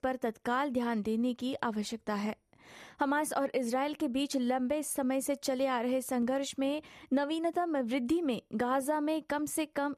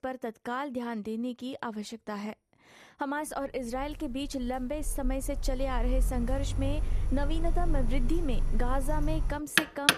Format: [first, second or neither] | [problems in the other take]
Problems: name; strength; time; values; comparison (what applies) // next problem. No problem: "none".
first | household noises; very loud; from 3.5 s on; 2 dB above the speech